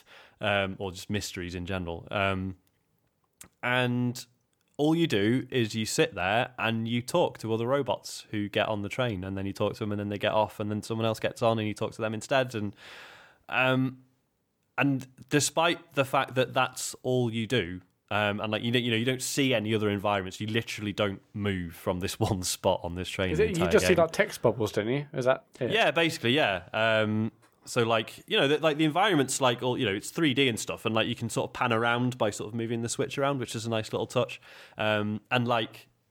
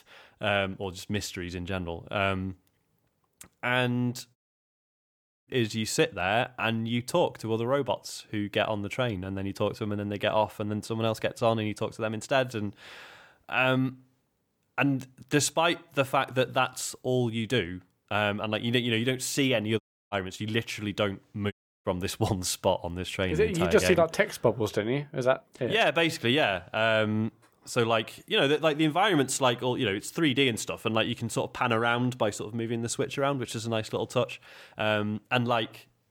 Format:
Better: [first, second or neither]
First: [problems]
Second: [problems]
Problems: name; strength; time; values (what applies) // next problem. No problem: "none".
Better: first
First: none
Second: audio cutting out; at 4.5 s for 1 s, at 20 s and at 22 s